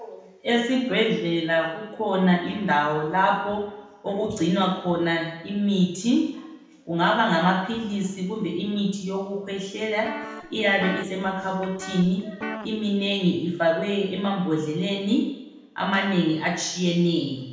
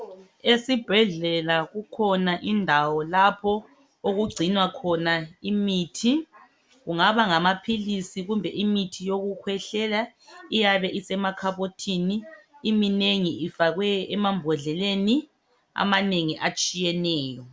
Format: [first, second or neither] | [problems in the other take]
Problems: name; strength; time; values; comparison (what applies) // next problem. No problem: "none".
second | background sound (Guitar); 11 dB below the speech // room echo; dies away in 0.8 s